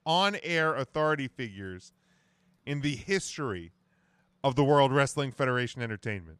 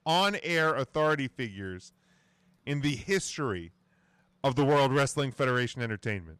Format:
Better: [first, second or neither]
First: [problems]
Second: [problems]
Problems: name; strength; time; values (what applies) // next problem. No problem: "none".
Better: first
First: none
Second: distortion; slight; 3% of the sound clipped